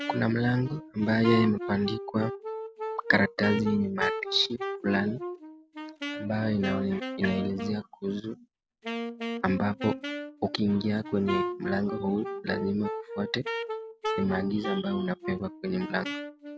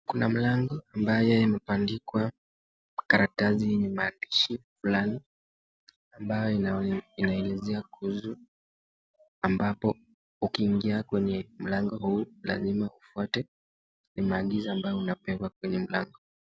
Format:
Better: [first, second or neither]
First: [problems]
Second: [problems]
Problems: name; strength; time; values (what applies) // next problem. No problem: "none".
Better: second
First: background sound (Wind instrument, woodwind instrument); 7 dB below the speech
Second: none